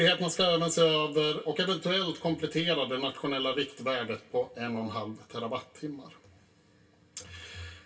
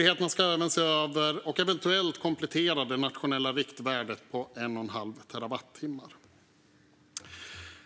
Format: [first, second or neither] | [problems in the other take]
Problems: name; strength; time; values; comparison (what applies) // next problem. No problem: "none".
second | background sound (Brass instrument); 16 dB below the speech // room echo; dies away in 0.2 s